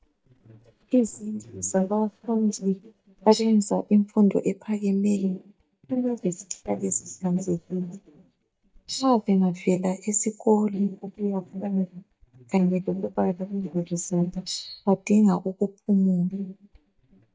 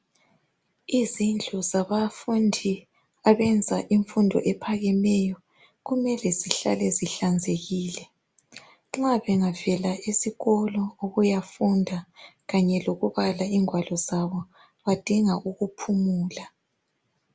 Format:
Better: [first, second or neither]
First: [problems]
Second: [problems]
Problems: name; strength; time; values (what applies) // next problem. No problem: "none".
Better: second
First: noise reduction (neural mask model DeepFilterNet 3)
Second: none